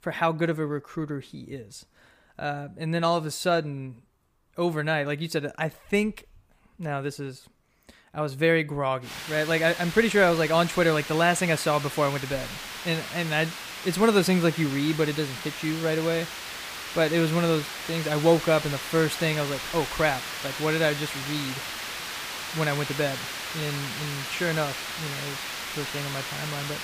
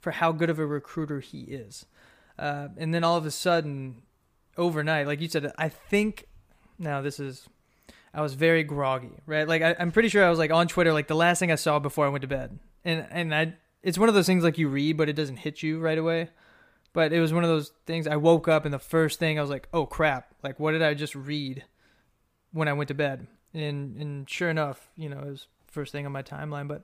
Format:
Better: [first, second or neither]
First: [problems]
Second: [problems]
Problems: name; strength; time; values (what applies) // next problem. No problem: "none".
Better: second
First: hiss; loud; from 9 s on; 7 dB below the speech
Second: none